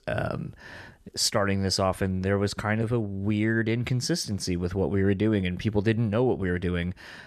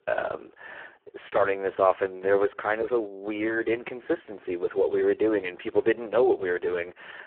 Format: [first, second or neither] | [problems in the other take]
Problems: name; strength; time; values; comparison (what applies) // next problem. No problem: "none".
first | phone-call audio; poor line